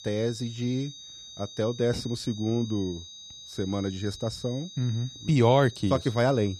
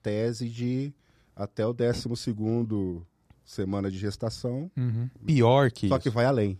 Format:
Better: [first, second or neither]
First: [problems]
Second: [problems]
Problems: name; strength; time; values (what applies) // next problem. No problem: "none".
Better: second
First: high-pitched whine; noticeable; throughout; 4 kHz, 15 dB below the speech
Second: none